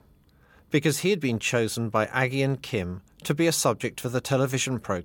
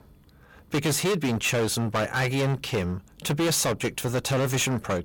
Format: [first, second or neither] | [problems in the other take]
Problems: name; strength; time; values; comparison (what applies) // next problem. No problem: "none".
first | distortion; heavy; 20% of the sound clipped